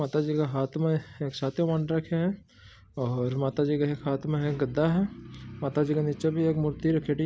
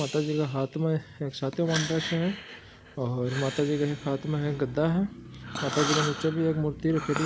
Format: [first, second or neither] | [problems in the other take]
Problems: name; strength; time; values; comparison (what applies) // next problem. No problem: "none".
first | background sound (Breathing); 9 dB below the speech